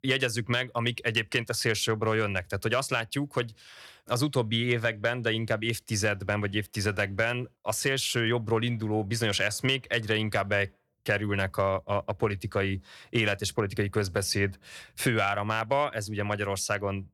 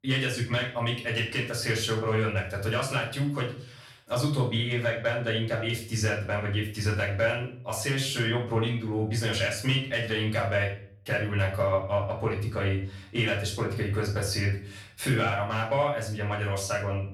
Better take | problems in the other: first | off-mic speech; far // room echo; slight; dies away in 0.4 s

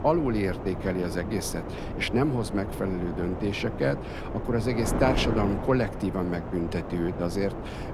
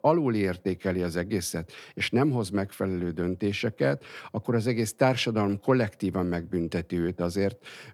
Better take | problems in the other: second | wind noise on the microphone; heavy; 6 dB below the speech

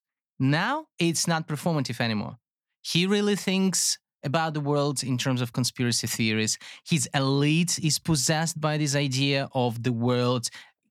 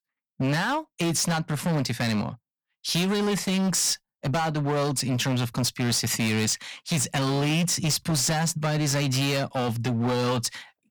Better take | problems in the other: first | distortion; heavy; 22% of the sound clipped

